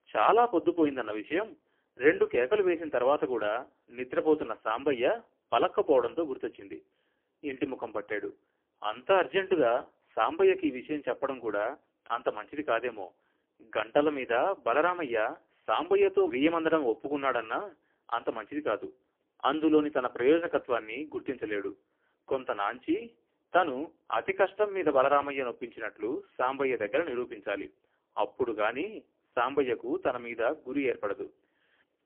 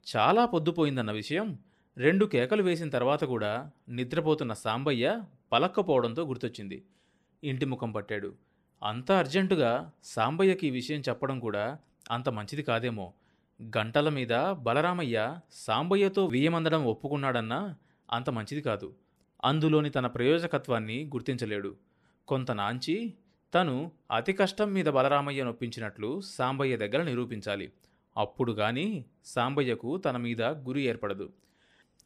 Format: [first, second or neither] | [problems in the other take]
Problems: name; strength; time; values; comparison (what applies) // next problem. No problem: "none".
second | phone-call audio; poor line; nothing above 3 kHz